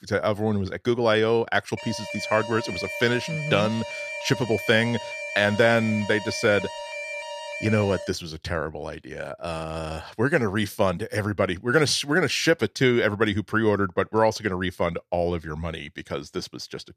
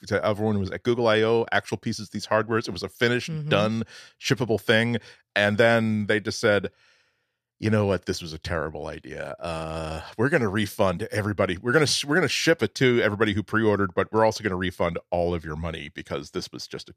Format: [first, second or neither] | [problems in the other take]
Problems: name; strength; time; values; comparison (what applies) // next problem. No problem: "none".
second | alarm; noticeable; from 2 to 8 s; peak 7 dB below the speech